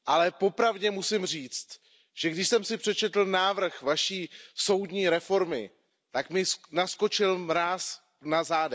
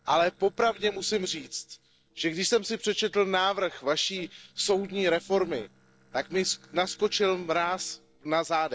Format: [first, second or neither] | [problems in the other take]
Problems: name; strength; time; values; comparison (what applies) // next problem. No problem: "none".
first | noise reduction (neural separator model SepFormer DNS4)